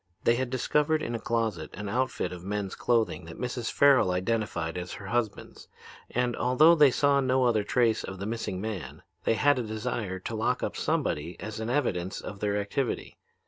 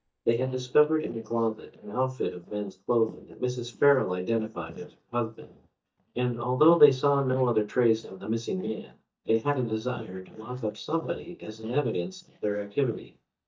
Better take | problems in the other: first | noise reduction (neural mask model DeepFilterNet 3)

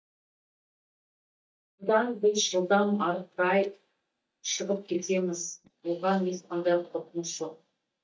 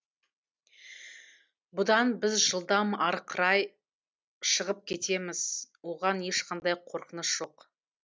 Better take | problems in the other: second | noise reduction (neural mask model DeepFilterNet 3)

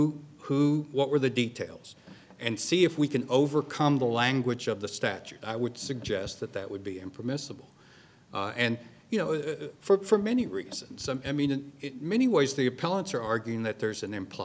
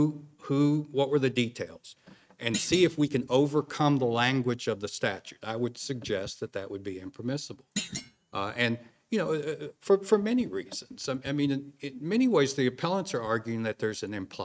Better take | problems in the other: first | noise reduction (neural mask model RNNoise)

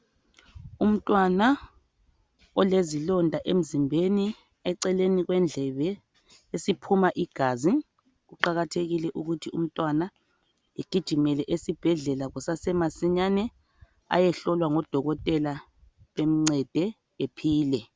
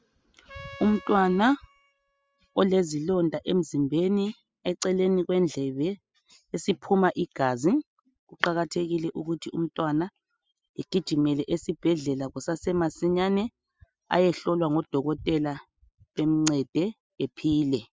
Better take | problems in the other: first | noise reduction (classical method spectral subtraction)

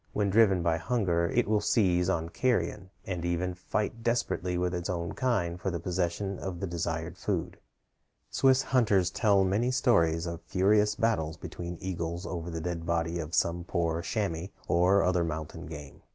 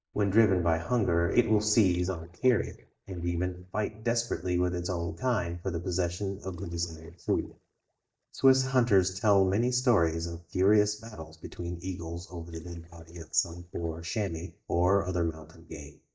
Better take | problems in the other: first | noise reduction (neural mask model DeepFilterNet 3)

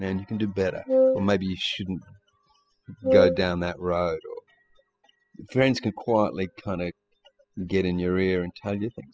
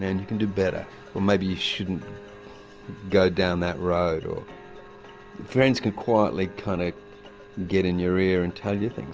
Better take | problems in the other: second | noise reduction (classical method spectral subtraction)

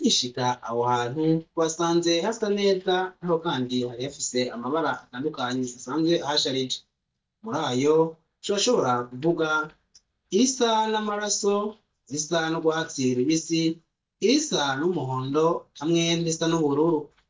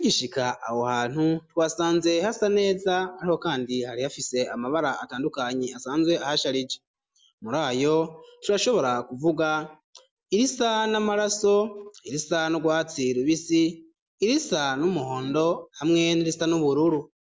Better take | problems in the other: second | noise reduction (neural mask model DeepFilterNet 3)

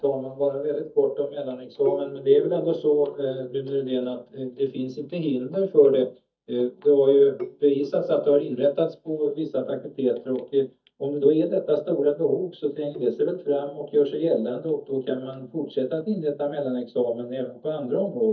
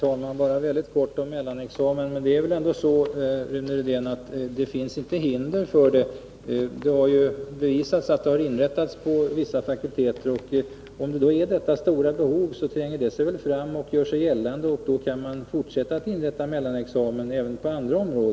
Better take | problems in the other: second | noise reduction (neural mask model DeepFilterNet 3)

